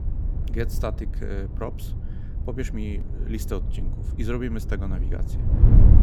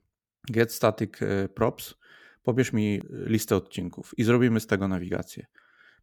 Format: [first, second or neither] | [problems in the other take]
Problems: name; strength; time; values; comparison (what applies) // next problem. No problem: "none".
second | wind noise on the microphone; heavy; 5 dB below the speech